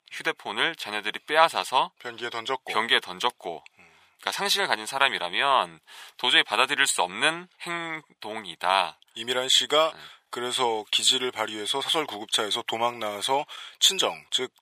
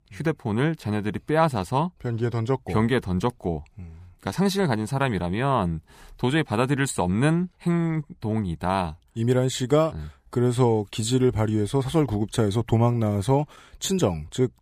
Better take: second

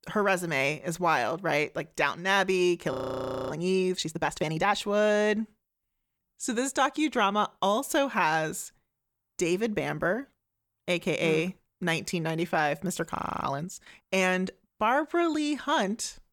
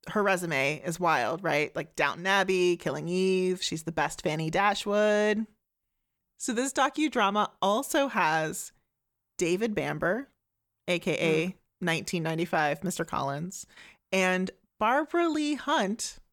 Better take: second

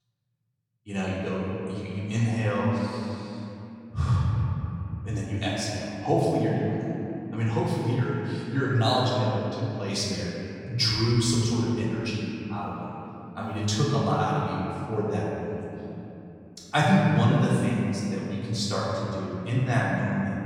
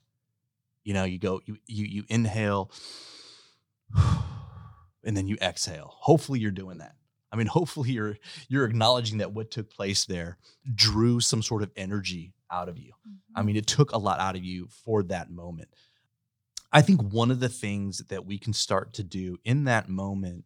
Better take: second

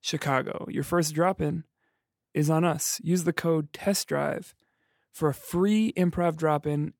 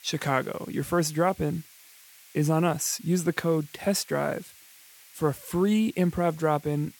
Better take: first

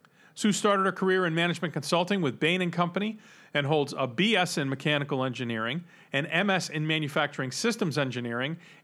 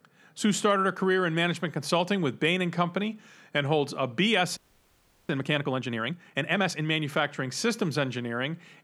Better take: first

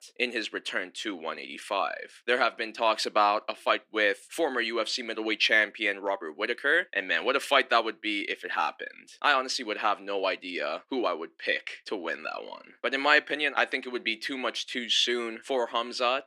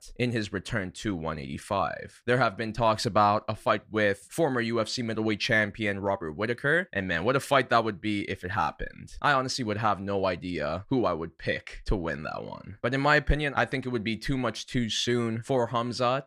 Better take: second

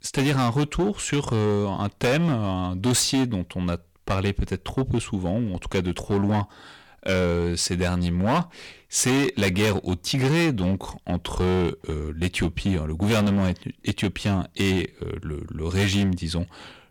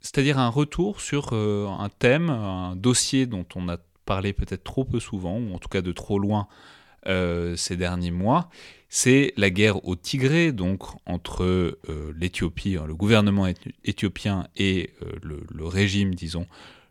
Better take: second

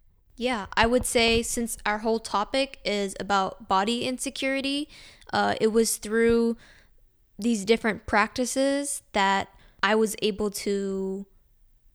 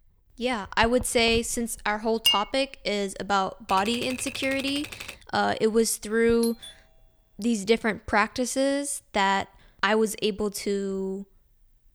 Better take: first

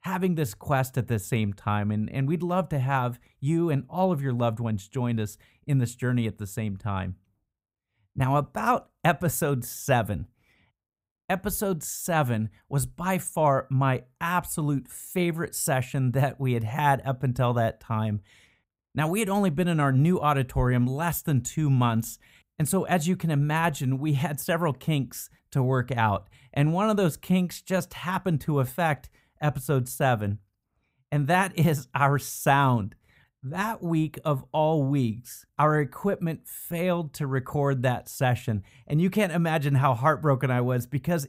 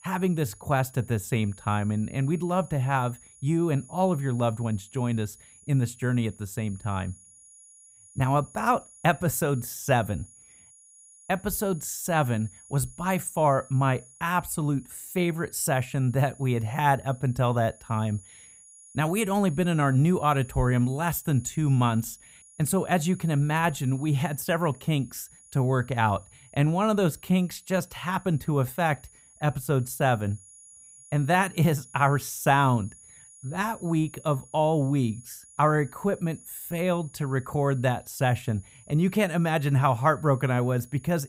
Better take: first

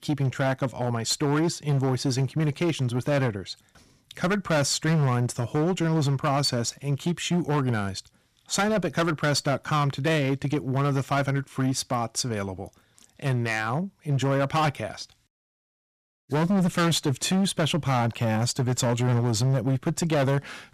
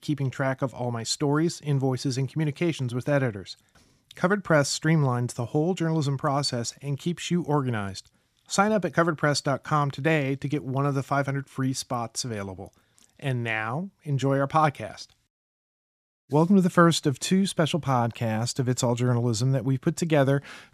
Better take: second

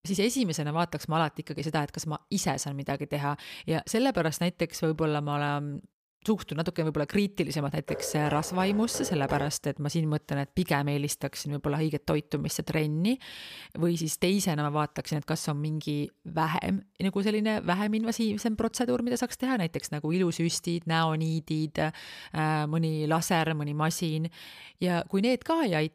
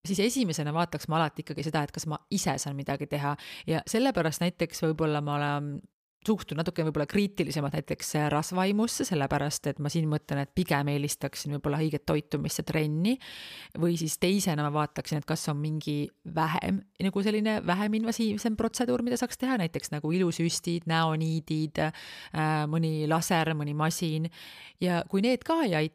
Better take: second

